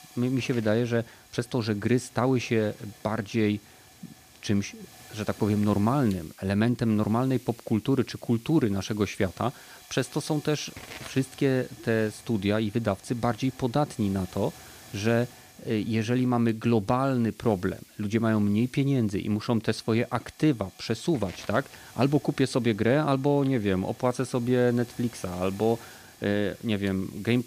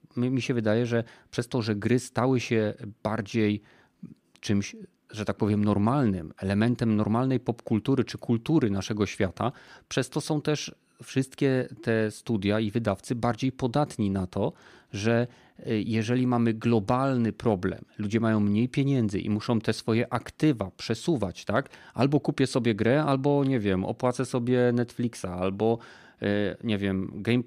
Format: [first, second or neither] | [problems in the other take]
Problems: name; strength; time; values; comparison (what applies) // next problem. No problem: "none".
second | hiss; faint; throughout; 20 dB below the speech